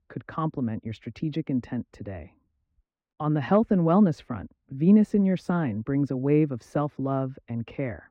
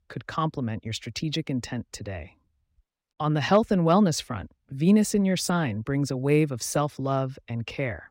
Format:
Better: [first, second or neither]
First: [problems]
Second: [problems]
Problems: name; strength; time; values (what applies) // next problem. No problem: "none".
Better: second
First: muffled; very; fading above 3.5 kHz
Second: none